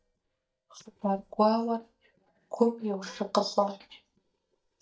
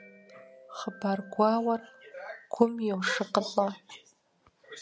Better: second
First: noise reduction (neural mask model DeepFilterNet 3)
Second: none

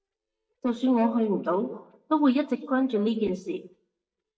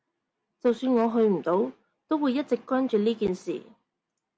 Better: second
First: noise reduction (neural mask model DeepFilterNet 3)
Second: none

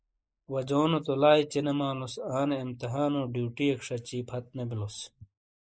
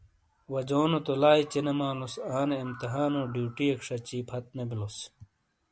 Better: second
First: noise reduction (neural mask model Resemble Enhance denoiser)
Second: none

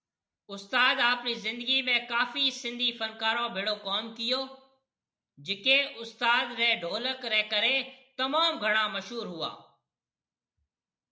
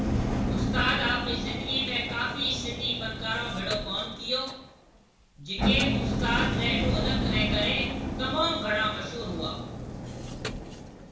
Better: first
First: none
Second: background sound (Engine); 1 dB above the speech // room echo; dies away in 0.5 s

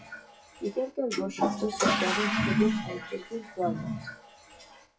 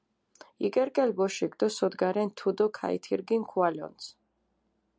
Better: second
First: noise reduction (classical method WPE with log-MMSE)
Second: none

